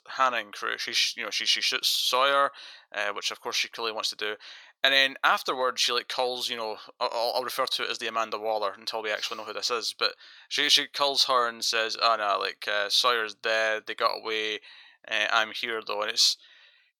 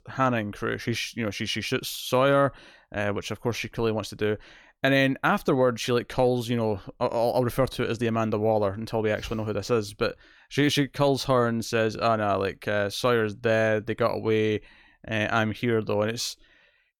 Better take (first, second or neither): second